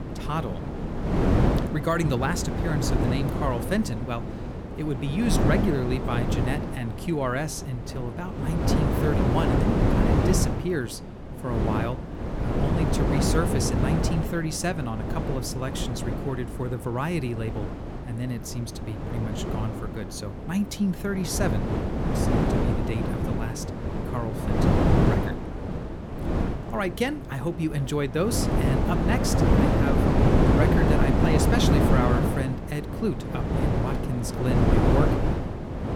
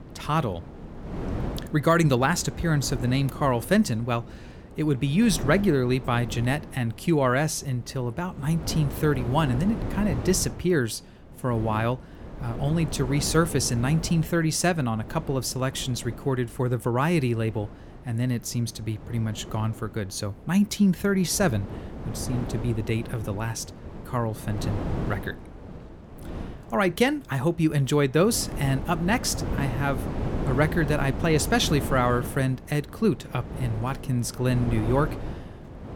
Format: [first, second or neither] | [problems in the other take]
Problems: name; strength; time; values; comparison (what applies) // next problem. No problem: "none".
second | wind noise on the microphone; heavy; 2 dB above the speech; occasional gusts in the second